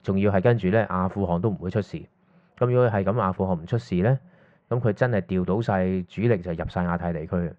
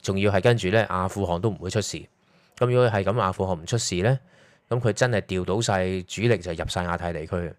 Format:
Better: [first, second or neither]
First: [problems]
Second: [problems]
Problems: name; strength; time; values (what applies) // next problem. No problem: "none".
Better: second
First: muffled; very; fading above 1.5 kHz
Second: none